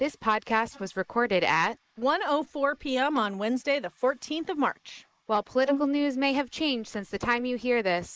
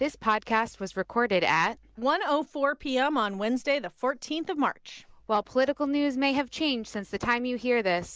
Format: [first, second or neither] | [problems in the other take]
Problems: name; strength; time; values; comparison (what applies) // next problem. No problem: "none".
second | noise reduction (neural mask model Resemble Enhance denoiser)